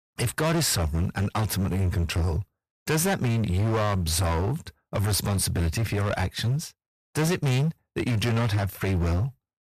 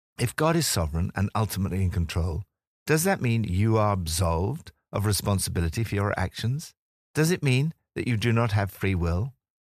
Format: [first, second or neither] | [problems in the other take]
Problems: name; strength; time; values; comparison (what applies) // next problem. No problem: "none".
second | distortion; heavy; 22% of the sound clipped